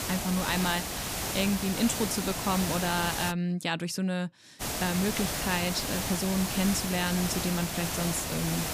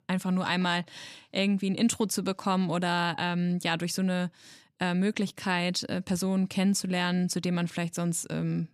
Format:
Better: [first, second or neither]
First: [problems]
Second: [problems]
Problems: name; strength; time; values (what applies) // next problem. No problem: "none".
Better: second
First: hiss; loud; until 3.5 s and from 4.5 s on; 2 dB below the speech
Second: none